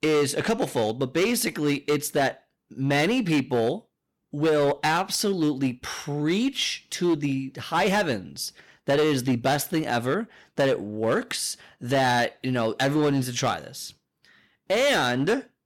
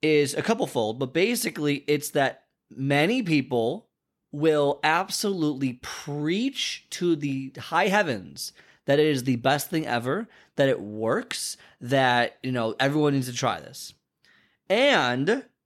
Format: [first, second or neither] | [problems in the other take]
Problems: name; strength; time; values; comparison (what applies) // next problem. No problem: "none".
second | distortion; slight; 9% of the sound clipped